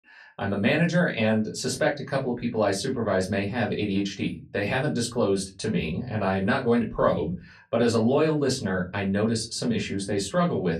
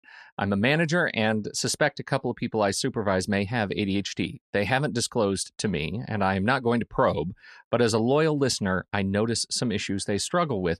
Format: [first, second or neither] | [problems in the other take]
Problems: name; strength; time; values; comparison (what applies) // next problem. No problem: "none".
second | off-mic speech; far // room echo; very slight; dies away in 0.3 s